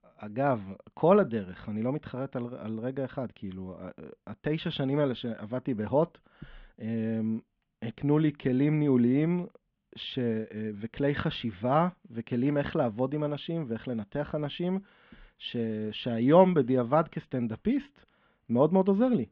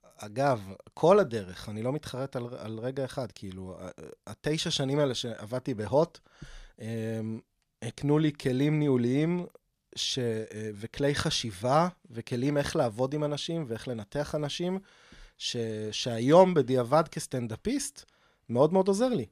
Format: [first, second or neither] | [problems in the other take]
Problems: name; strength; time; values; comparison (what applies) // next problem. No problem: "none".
second | muffled; very; fading above 3 kHz